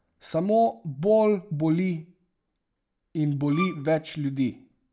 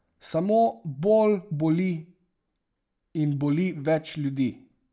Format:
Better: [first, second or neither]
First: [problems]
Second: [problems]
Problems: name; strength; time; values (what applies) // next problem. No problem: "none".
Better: second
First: background sound (Bowed string instrument); 10 dB below the speech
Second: none